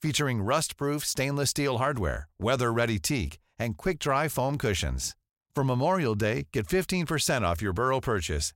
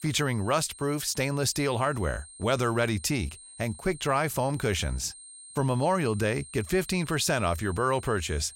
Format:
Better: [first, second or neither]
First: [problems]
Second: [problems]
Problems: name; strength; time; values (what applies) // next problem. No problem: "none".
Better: first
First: none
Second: high-pitched whine; noticeable; throughout; 8.5 kHz, 15 dB below the speech